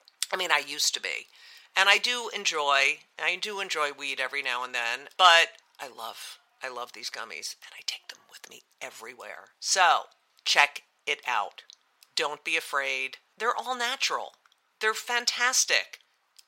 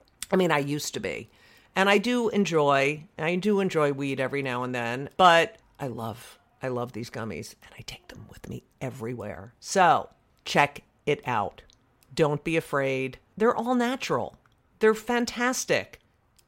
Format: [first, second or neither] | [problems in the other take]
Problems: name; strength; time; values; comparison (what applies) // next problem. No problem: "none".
second | thin; very; fading below 950 Hz